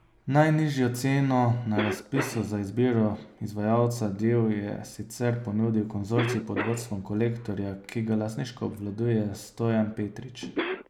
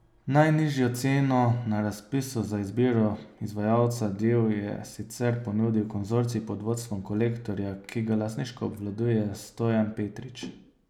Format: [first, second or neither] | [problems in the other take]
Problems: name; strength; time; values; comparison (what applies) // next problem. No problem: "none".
second | background sound (Cough); 12 dB below the speech